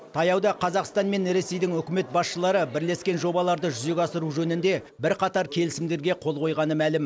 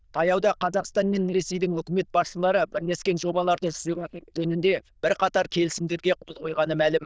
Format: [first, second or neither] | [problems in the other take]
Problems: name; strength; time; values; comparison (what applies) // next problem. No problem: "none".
first | noise reduction (neural diffusion model UNIVERSE++)